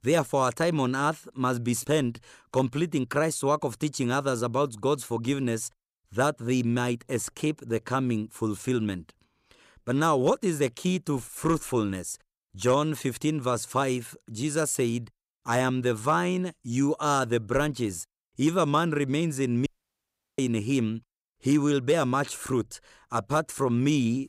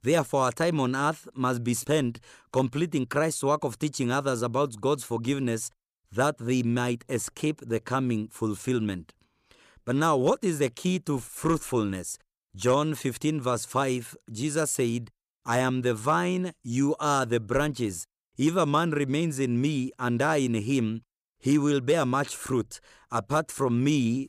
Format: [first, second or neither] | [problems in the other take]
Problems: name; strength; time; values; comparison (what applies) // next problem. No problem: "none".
second | audio cutting out; at 20 s for 0.5 s